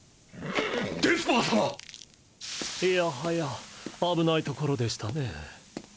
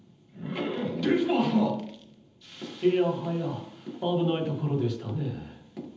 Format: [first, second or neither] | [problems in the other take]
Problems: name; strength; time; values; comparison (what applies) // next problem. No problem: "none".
first | room echo; dies away in 0.8 s